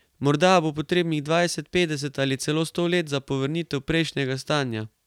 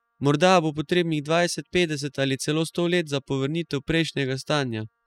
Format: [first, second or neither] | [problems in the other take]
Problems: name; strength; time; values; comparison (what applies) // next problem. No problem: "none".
first | noise reduction (classical method spectral subtraction)